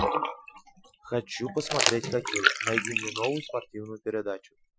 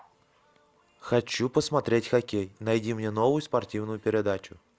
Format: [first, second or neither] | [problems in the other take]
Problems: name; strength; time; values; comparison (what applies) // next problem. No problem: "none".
second | noise reduction (classical method Wiener filter)